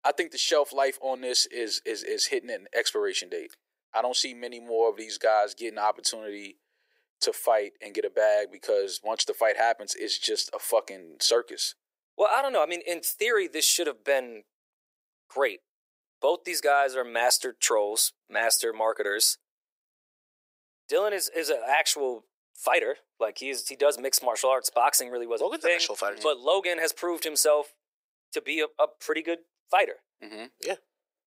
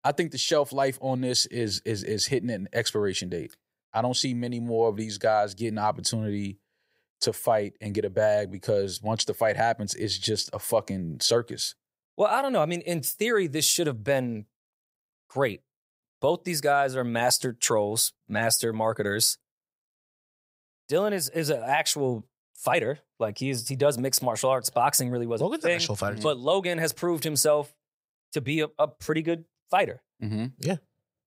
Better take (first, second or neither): second